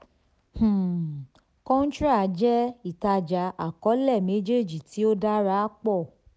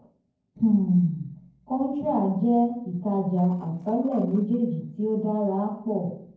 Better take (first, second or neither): first